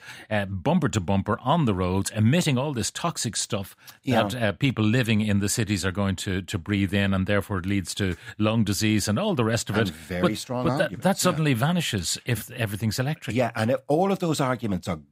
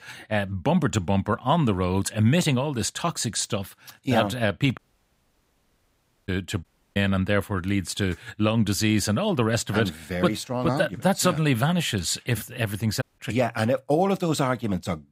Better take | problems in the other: first | audio cutting out; at 5 s for 1.5 s, at 6.5 s and at 13 s

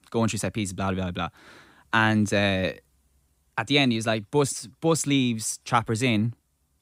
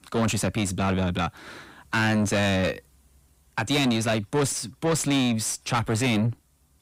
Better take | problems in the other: first | distortion; heavy; 7 dB below the speech

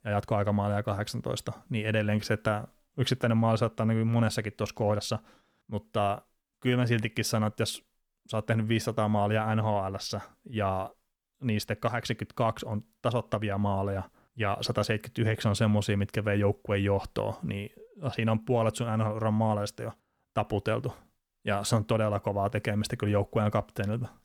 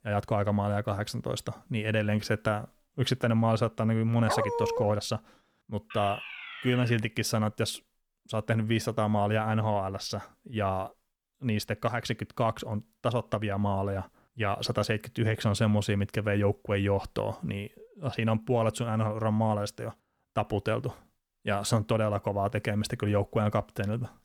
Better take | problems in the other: first | dog barking; loud; at 4.5 s; peak level with the speech // alarm; noticeable; from 6 to 7 s; peak 9 dB below the speech

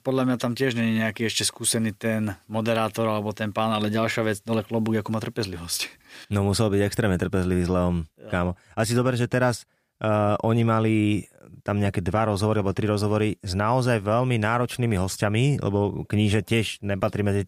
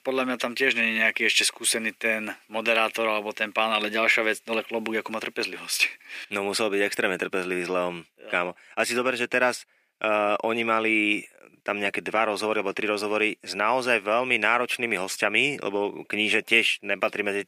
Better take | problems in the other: first | thin; somewhat; fading below 300 Hz

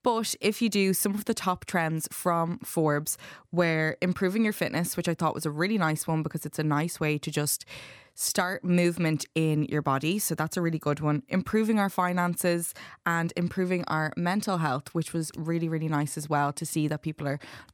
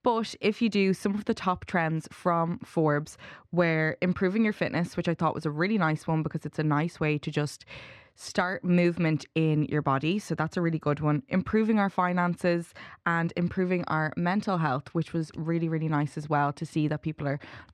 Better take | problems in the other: first | muffled; slightly; fading above 3.5 kHz

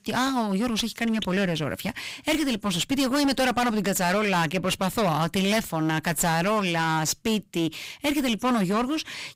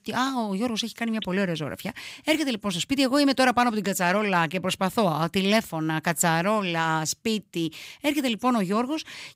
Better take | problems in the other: second | distortion; heavy; 20% of the sound clipped

